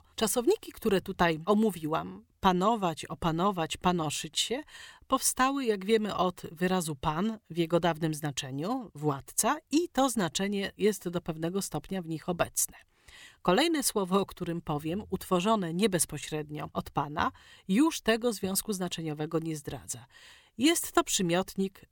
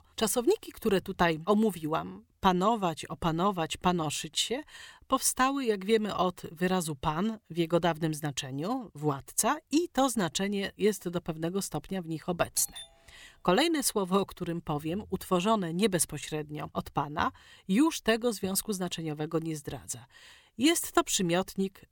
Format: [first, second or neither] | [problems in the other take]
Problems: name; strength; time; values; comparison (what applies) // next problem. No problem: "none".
first | doorbell; noticeable; at 13 s; peak 8 dB below the speech